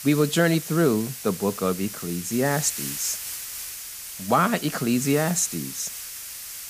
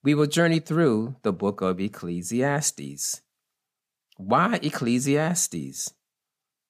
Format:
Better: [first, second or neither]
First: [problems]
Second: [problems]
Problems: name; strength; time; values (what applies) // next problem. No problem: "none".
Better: second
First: hiss; loud; throughout; 8 dB below the speech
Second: none